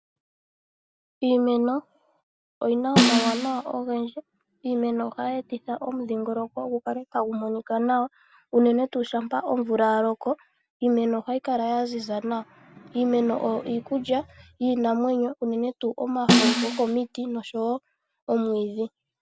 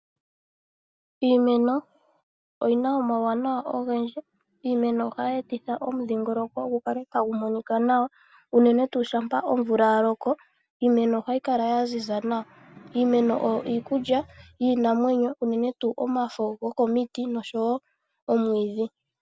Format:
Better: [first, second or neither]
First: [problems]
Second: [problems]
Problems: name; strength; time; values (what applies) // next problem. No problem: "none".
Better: second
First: background sound (Snare drum); 3 dB above the speech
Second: none